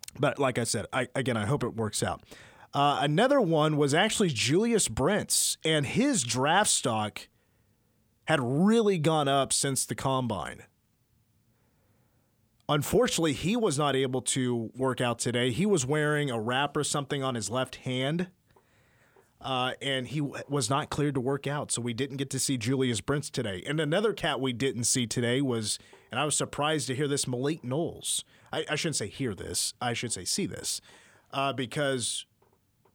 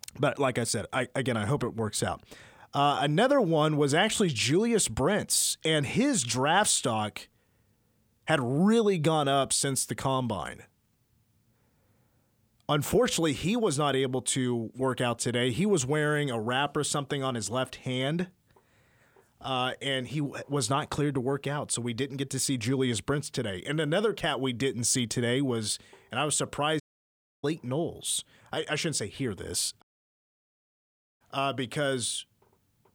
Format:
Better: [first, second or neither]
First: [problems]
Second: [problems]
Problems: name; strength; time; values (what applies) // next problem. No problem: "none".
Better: first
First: none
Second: audio cutting out; at 27 s for 0.5 s and at 30 s for 1.5 s